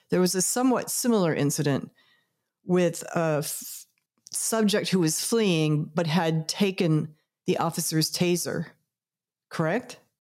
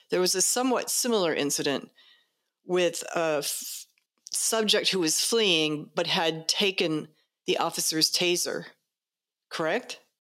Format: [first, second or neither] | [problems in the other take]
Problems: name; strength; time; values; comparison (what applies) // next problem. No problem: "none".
first | thin; somewhat; fading below 350 Hz